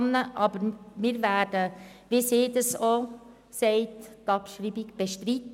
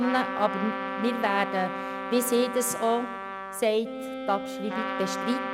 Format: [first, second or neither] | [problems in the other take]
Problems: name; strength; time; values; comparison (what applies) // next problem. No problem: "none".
first | background sound (Trumpet + Wind instrument, woodwind instrument); 5 dB below the speech